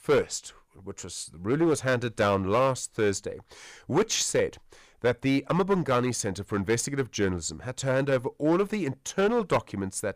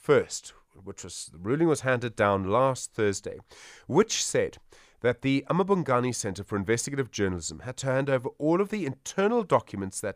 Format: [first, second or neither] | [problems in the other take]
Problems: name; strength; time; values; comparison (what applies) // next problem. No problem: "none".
second | distortion; slight; 5% of the sound clipped